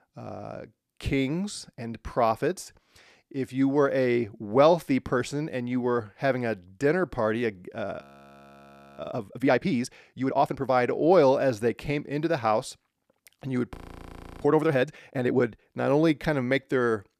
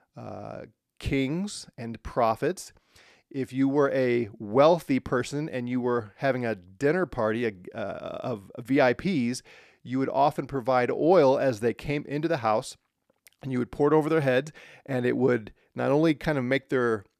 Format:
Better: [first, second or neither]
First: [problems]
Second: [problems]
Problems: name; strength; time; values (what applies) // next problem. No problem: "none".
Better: second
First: audio freezing; at 8 s for 1 s and at 14 s for 0.5 s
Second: none